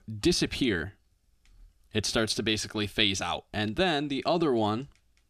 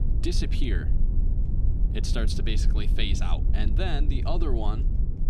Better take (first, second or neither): first